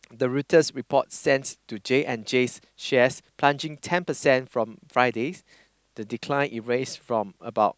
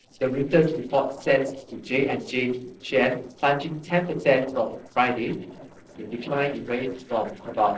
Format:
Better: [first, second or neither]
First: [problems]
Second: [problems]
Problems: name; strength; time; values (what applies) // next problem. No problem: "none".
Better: first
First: none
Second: noise reduction (neural separator model SepFormer DNS4)